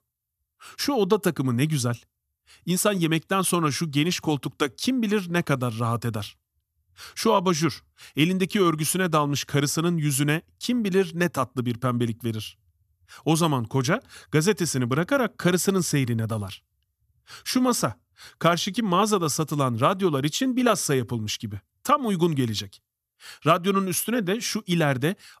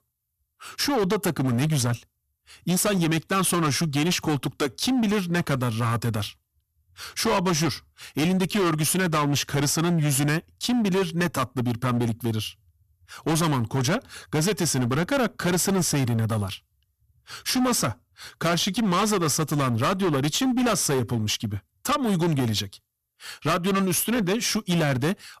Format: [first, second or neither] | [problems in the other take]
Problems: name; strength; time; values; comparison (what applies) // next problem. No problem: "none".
first | distortion; heavy; 20% of the sound clipped